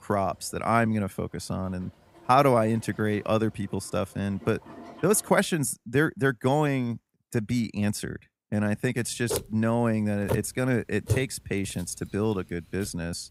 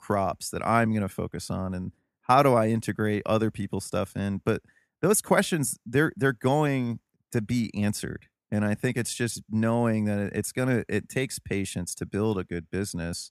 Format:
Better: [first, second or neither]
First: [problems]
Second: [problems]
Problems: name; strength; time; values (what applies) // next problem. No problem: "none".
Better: second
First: household noises; noticeable; throughout; 10 dB below the speech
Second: none